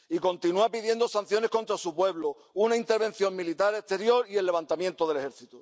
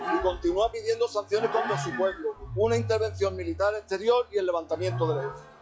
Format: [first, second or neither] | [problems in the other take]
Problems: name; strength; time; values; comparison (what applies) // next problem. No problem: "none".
first | noise reduction (classical method log-MMSE)